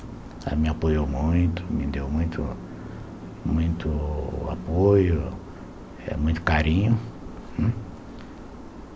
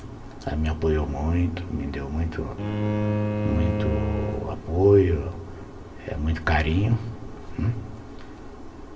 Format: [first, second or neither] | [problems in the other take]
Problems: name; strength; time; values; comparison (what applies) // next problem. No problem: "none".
first | background sound (Bowed string instrument); 3 dB below the speech // room echo; dies away in 1.4 s